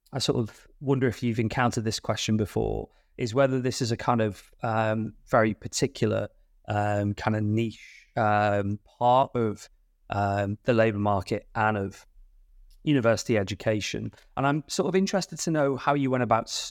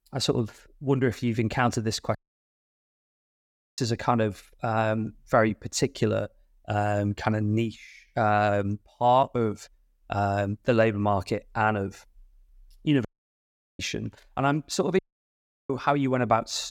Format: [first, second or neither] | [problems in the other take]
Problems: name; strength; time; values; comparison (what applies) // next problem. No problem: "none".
first | audio cutting out; at 2 s for 1.5 s, at 13 s for 0.5 s and at 15 s for 0.5 s